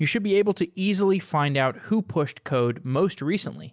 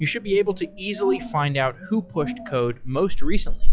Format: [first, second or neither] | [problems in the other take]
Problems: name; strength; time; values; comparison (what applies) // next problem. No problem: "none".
first | noise reduction (classical method log-MMSE)